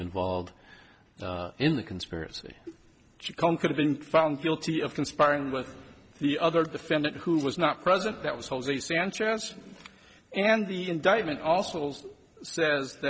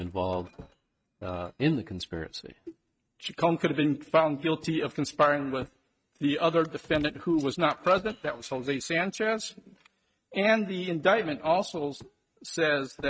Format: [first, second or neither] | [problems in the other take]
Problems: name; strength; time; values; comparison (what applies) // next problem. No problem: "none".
first | noise reduction (neural mask model RNNoise)